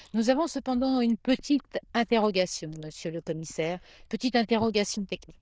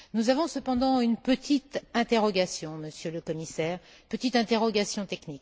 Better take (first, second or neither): second